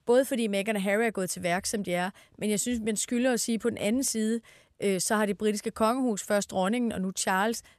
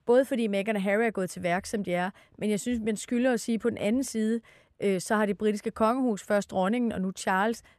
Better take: first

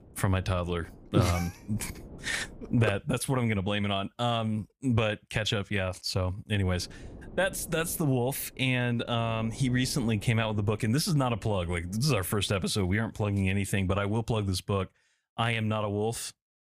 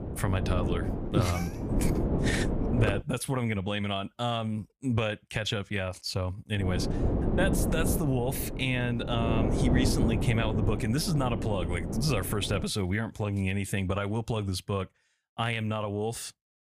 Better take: first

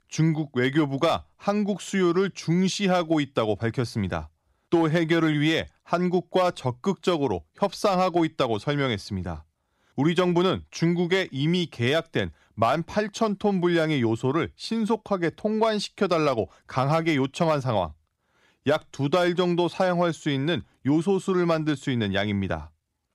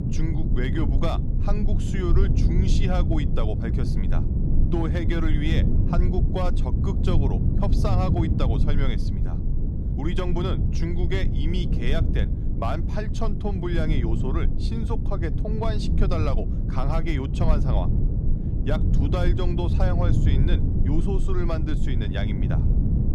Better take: first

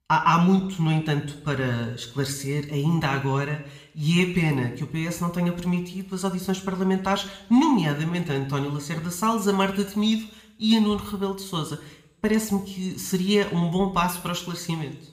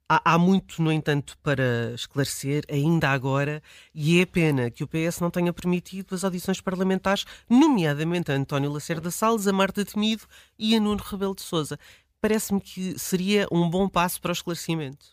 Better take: second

